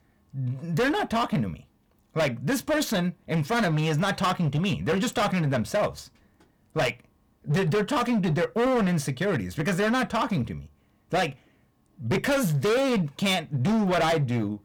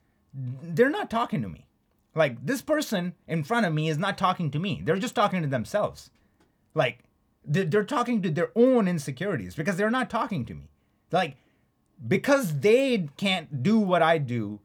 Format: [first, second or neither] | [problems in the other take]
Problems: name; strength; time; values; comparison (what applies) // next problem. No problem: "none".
second | distortion; heavy; 17% of the sound clipped